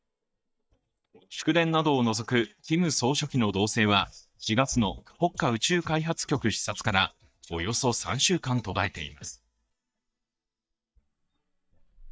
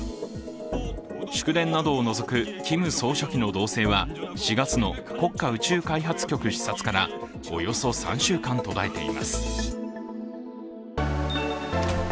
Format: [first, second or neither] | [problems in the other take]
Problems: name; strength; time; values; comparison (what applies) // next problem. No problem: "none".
second | noise reduction (neural mask model DeepFilterNet 3)